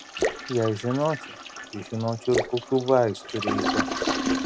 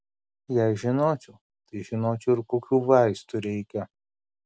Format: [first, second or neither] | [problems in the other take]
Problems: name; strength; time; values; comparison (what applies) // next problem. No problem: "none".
second | background sound (Drip / Splash, splatter + Toilet flush); 2 dB below the speech